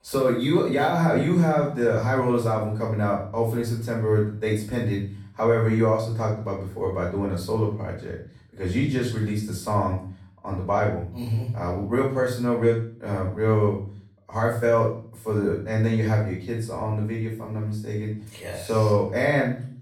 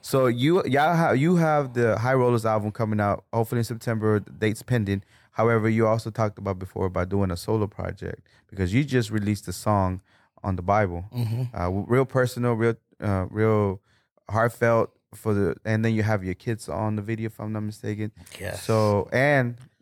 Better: second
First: off-mic speech; far // room echo; noticeable; dies away in 0.5 s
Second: none

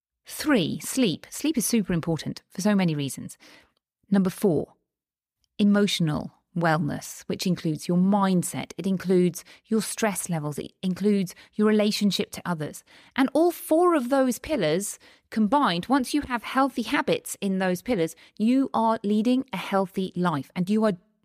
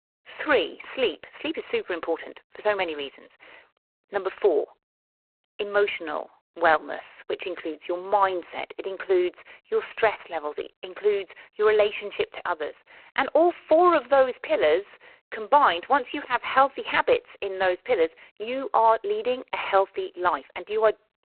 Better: first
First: none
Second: phone-call audio; poor line; nothing above 4 kHz

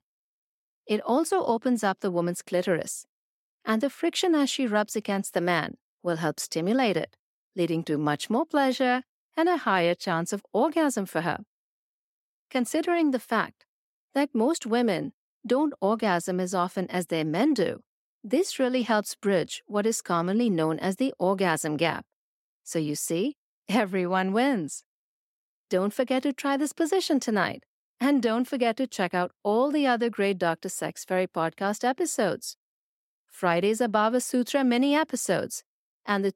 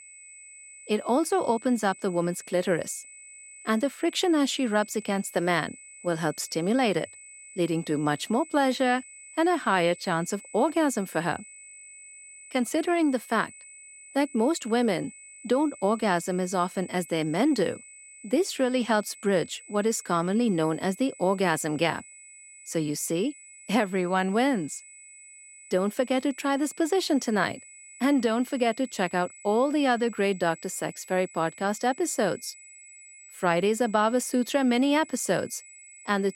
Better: first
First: none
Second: high-pitched whine; noticeable; throughout; 8 kHz, 20 dB below the speech

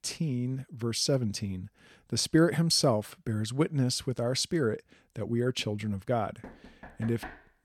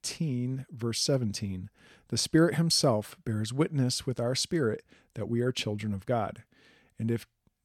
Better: second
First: door banging; faint; at 6.5 s; peak 15 dB below the speech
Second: none

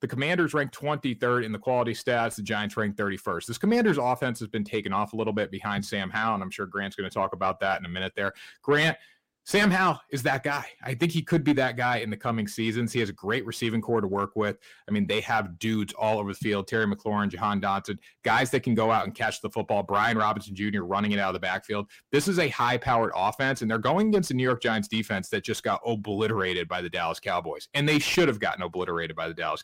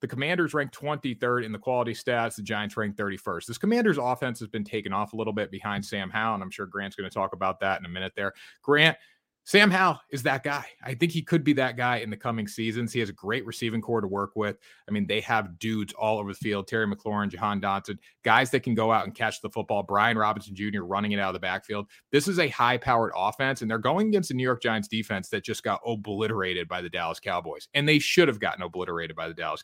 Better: second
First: distortion; slight; 10 dB below the speech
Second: none

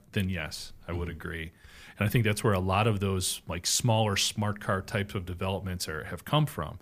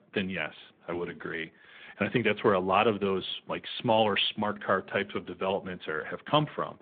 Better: first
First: none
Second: phone-call audio; nothing above 3.5 kHz

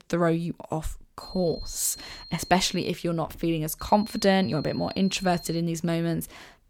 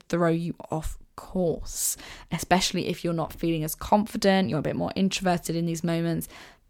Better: second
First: high-pitched whine; noticeable; from 1 to 3 s and from 4 to 5.5 s; 4 kHz, 15 dB below the speech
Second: none

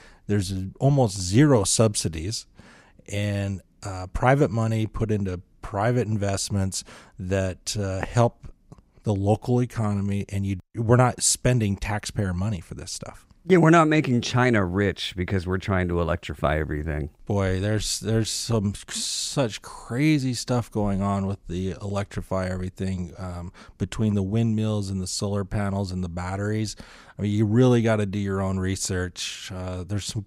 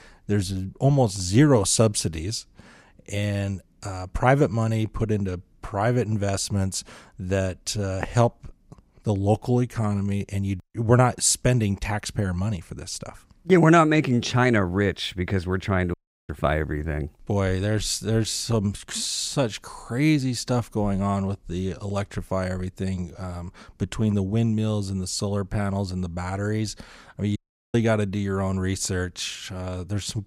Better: first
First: none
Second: audio cutting out; at 16 s and at 27 s

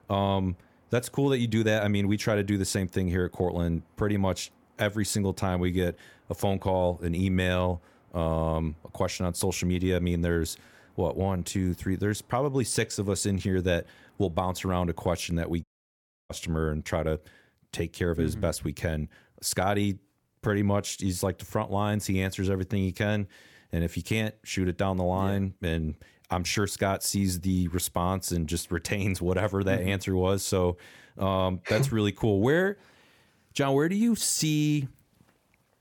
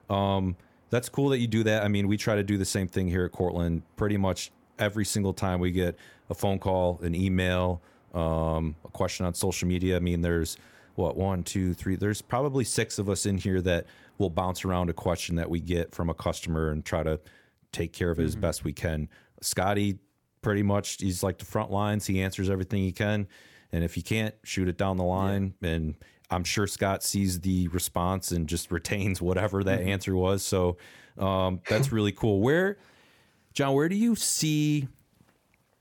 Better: second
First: audio cutting out; at 16 s for 0.5 s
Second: none

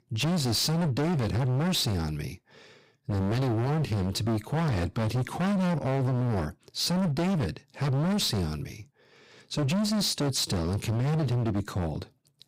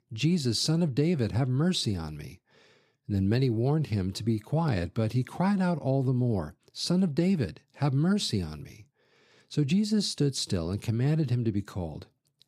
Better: second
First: distortion; heavy; 34% of the sound clipped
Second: none

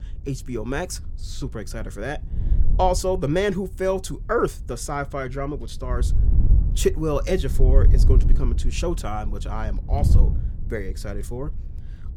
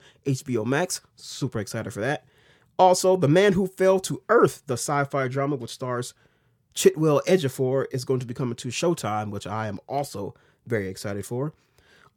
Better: second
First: wind noise on the microphone; occasional gusts; 15 dB below the speech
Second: none

